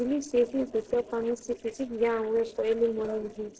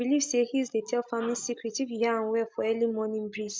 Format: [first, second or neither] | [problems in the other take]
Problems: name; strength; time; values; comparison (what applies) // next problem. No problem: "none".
second | noise reduction (neural separator model SepFormer DNS4)